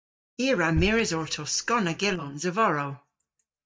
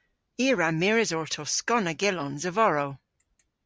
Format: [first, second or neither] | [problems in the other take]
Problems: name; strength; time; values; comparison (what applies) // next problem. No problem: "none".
second | noise reduction (neural mask model DeepFilterNet 3)